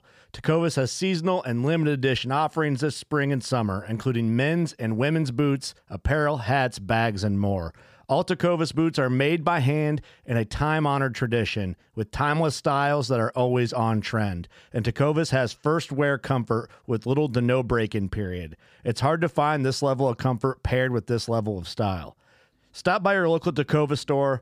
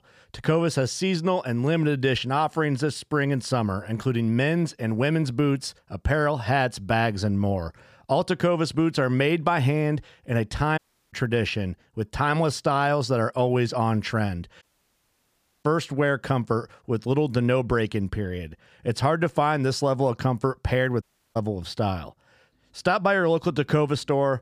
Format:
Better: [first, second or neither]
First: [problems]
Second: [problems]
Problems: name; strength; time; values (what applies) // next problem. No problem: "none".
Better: first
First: none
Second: audio cutting out; at 11 s, at 15 s for 1 s and at 21 s